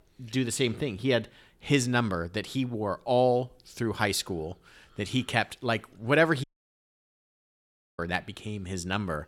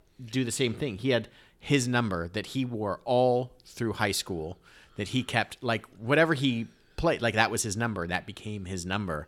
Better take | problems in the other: second | audio cutting out; at 6.5 s for 1.5 s

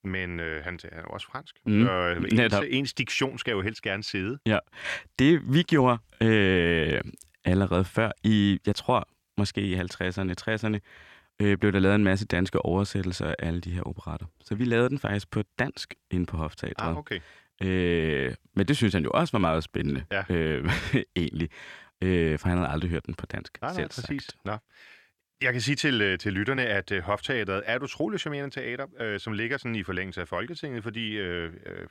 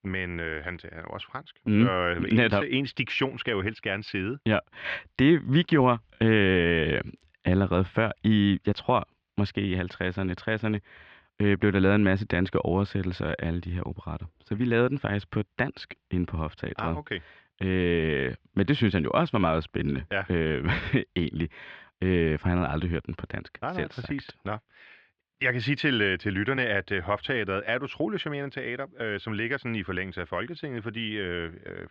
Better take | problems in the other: first | muffled; slightly; fading above 3.5 kHz

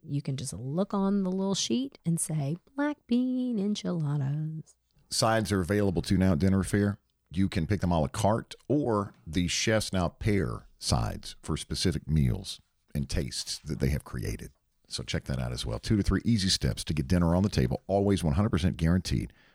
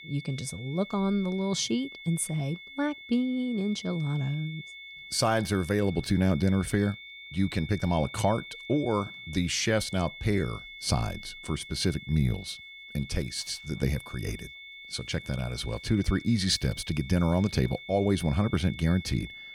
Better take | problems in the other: first | high-pitched whine; noticeable; throughout; 2 kHz, 15 dB below the speech

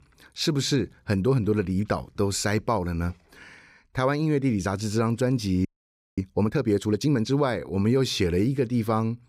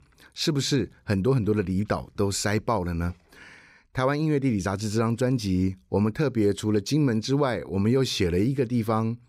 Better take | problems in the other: second | audio freezing; at 5.5 s for 0.5 s

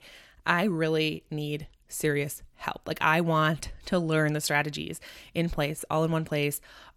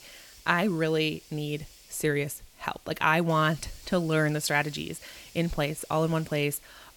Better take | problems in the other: first | hiss; faint; throughout; 20 dB below the speech

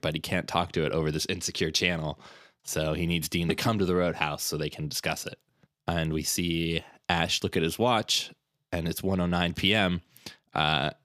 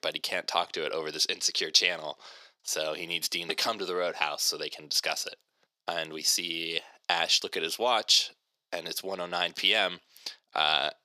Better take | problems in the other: first | thin; very; fading below 550 Hz

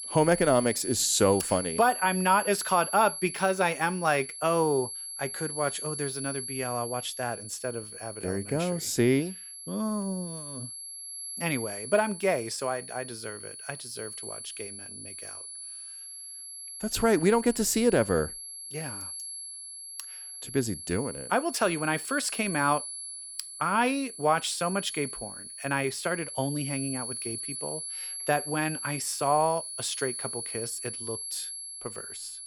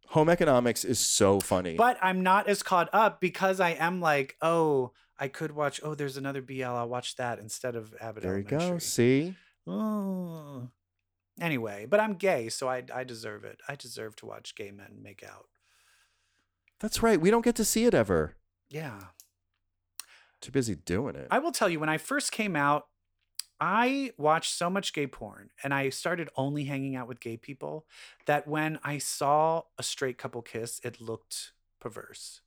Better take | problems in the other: second | high-pitched whine; loud; throughout; 11 kHz, 8 dB below the speech

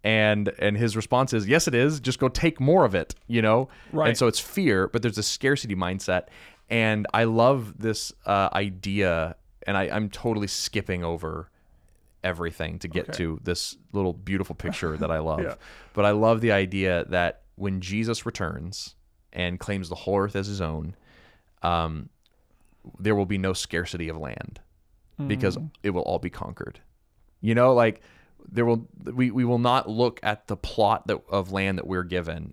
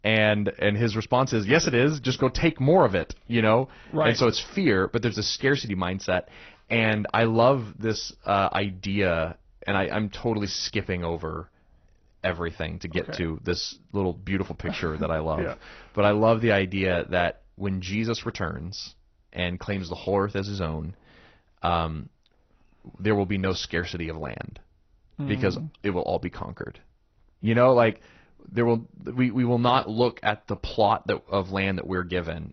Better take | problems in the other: first | garbled, watery; slightly; nothing above 6 kHz

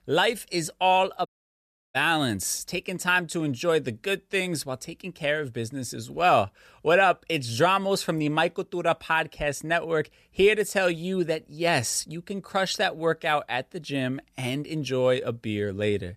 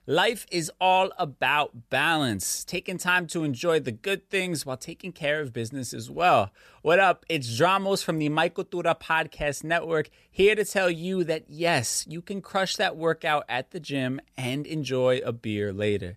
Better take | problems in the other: second | audio cutting out; at 1.5 s for 0.5 s

